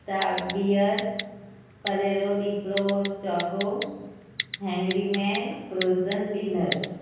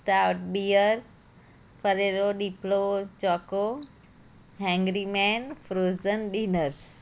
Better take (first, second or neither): second